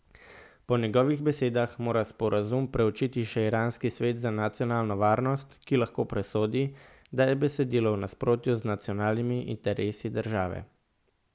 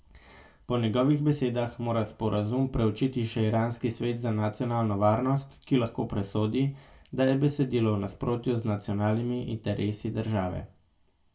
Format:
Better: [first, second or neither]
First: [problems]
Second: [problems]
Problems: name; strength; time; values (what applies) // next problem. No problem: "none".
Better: first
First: none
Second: room echo; dies away in 0.2 s